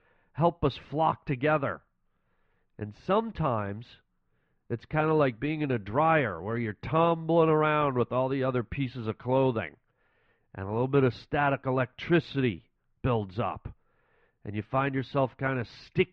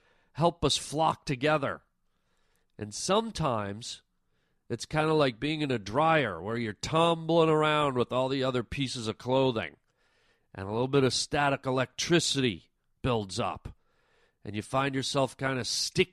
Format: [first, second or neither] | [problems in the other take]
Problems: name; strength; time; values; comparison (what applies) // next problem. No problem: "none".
second | muffled; very; fading above 2.5 kHz